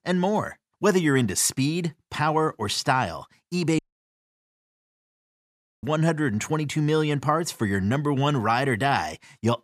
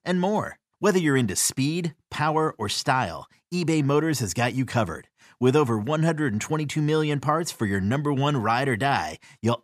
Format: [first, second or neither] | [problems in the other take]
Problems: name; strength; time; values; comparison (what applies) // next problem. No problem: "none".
second | audio cutting out; at 4 s for 2 s